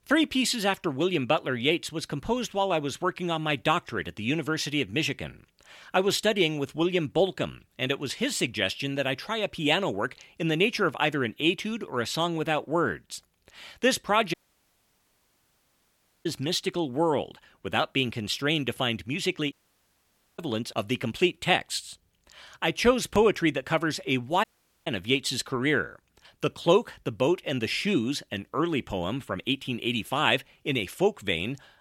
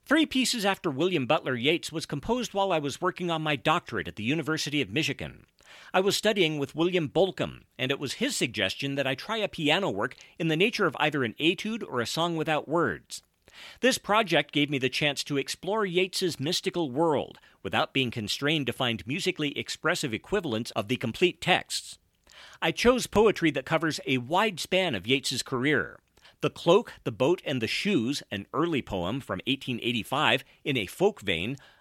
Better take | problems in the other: second | audio cutting out; at 14 s for 2 s, at 20 s for 1 s and at 24 s

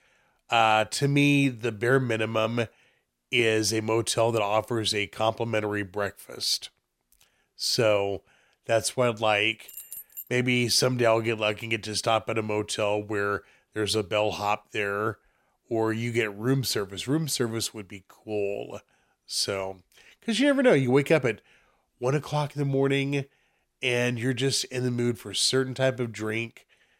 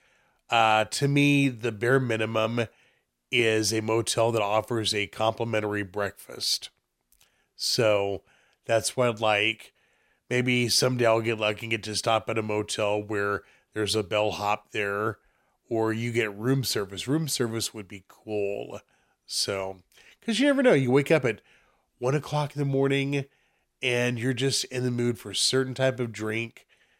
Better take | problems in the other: second | jangling keys; faint; at 9.5 s; peak 10 dB below the speech

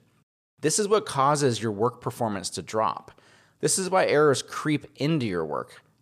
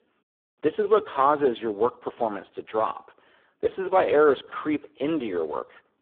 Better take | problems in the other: first | phone-call audio; poor line

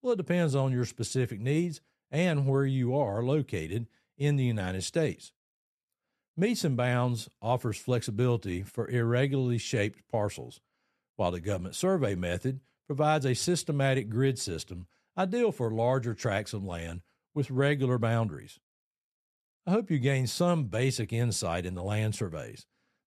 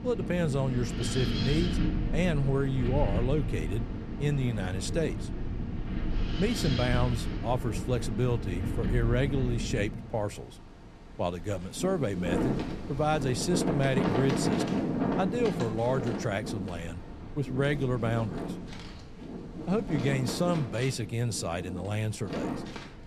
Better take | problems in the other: first | wind in the background; loud; throughout; 3 dB below the speech

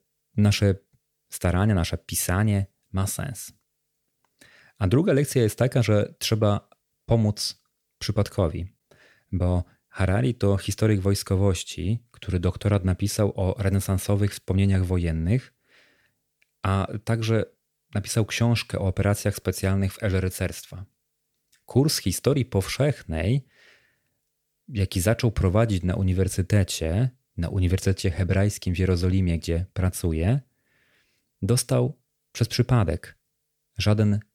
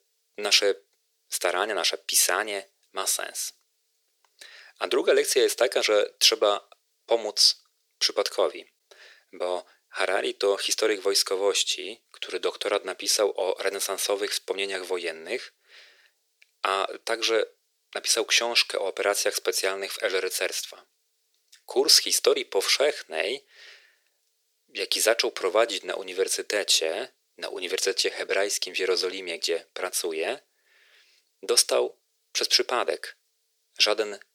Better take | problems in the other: first | thin; very; fading below 400 Hz

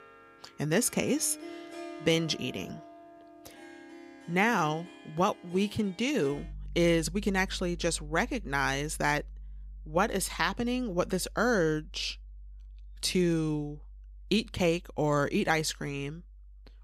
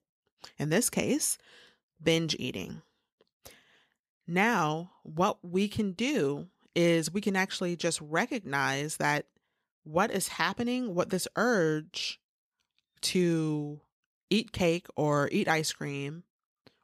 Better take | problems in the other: second | background music; noticeable; throughout; 20 dB below the speech

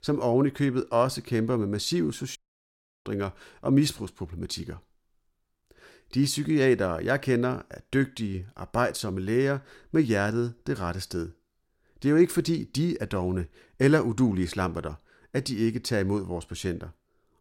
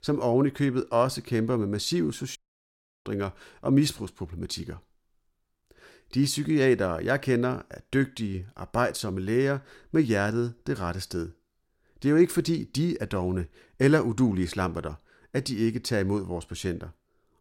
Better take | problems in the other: neither | audio cutting out; at 2.5 s for 0.5 s; the same in both

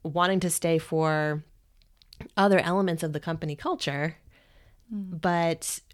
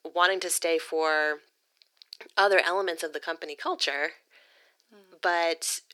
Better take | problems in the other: first | thin; very; fading below 350 Hz

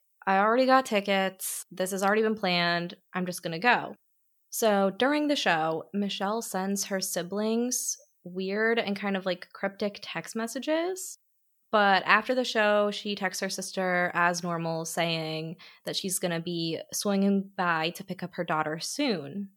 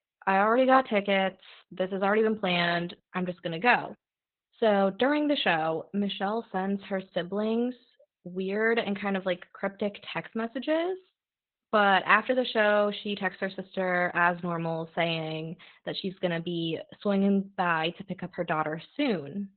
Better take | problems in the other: first | garbled, watery; badly; nothing above 4 kHz

